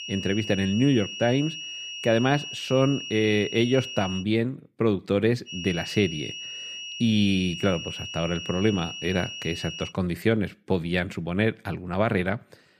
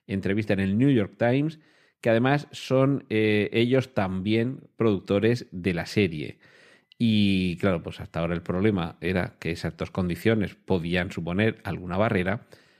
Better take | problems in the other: second | high-pitched whine; loud; until 4 s and from 5.5 to 10 s; 3 kHz, 8 dB below the speech

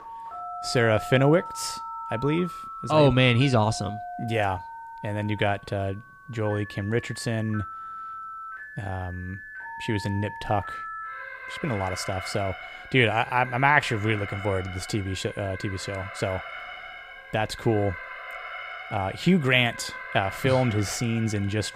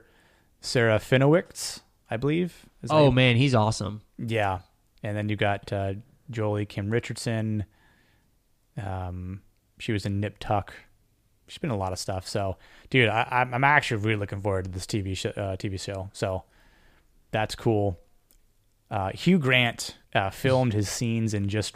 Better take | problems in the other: second | alarms or sirens; noticeable; throughout; 10 dB below the speech

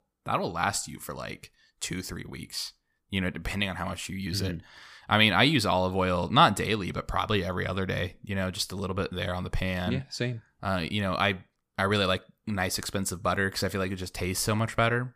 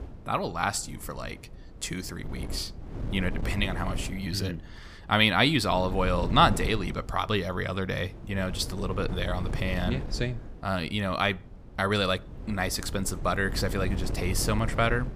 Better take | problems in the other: first | wind noise on the microphone; occasional gusts; 15 dB below the speech

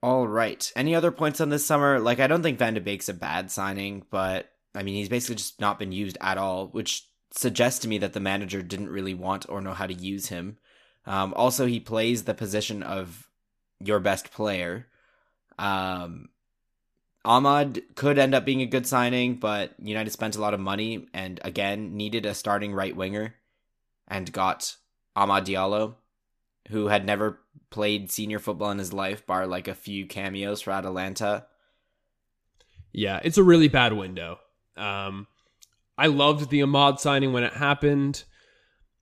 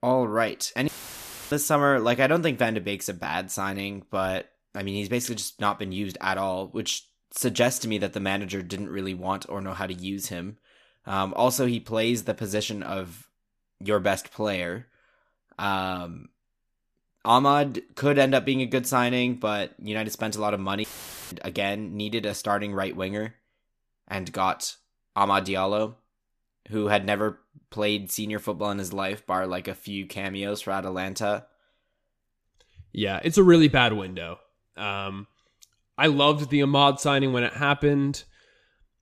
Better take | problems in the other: first | audio cutting out; filled with static; at 1 s for 0.5 s and at 21 s

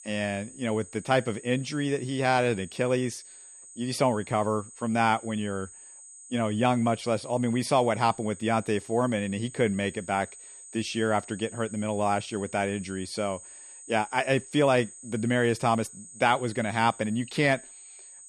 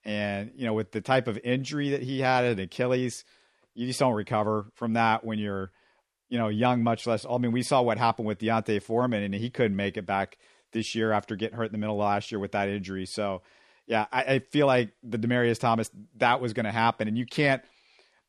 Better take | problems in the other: second | high-pitched whine; noticeable; throughout; 8 kHz, 15 dB below the speech

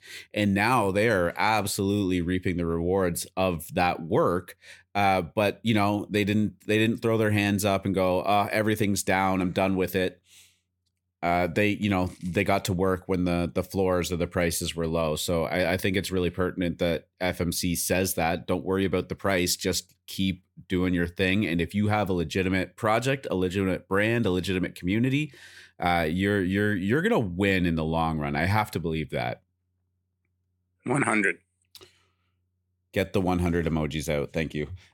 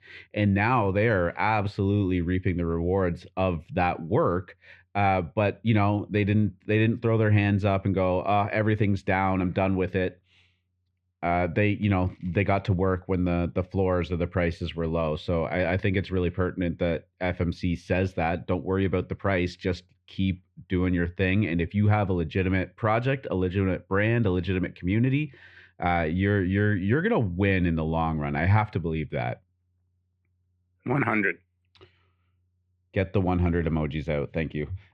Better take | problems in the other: first | muffled; very; fading above 3 kHz

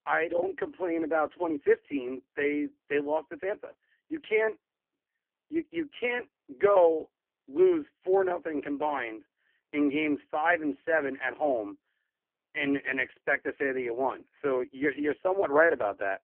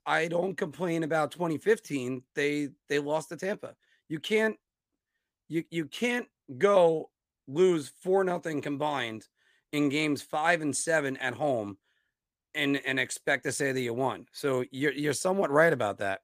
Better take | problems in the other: second | phone-call audio; poor line; nothing above 3 kHz

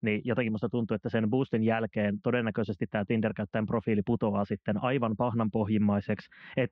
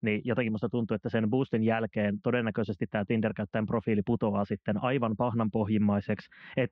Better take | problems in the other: neither | muffled; very; fading above 3 kHz; the same in both

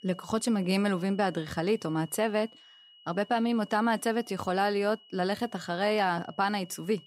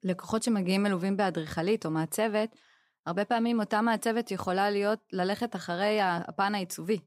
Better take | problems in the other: second | high-pitched whine; faint; throughout; 3 kHz, 25 dB below the speech

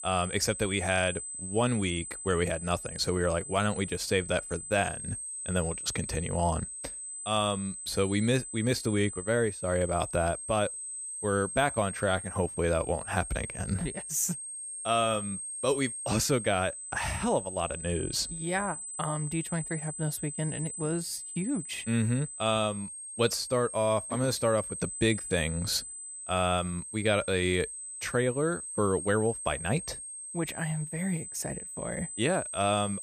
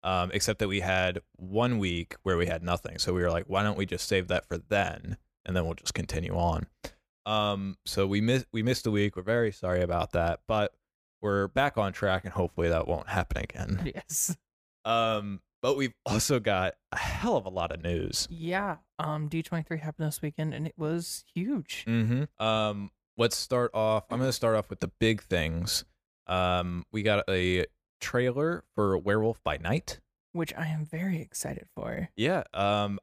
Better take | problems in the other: second | high-pitched whine; loud; throughout; 8 kHz, 7 dB below the speech

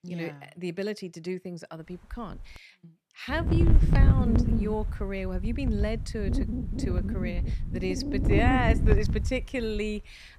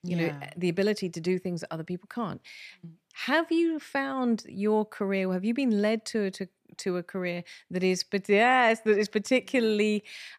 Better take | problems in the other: second | wind noise on the microphone; heavy; from 2 s on; 3 dB below the speech

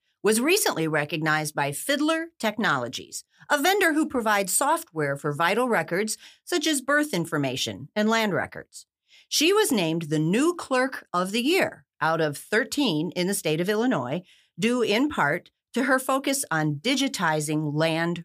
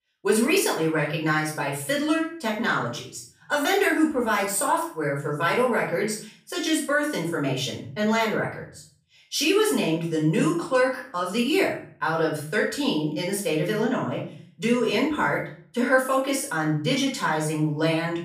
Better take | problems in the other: first | off-mic speech; far // room echo; slight; dies away in 0.4 s

